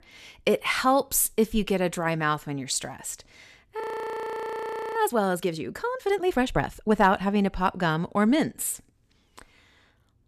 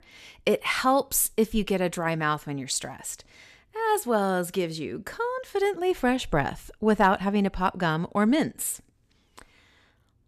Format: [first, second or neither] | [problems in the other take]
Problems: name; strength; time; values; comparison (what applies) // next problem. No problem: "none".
second | audio freezing; at 4 s for 1 s